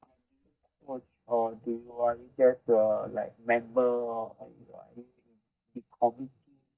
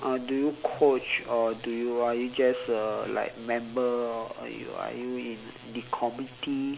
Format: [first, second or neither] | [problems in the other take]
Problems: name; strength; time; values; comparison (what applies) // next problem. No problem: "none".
second | noise reduction (neural mask model DeepFilterNet 3)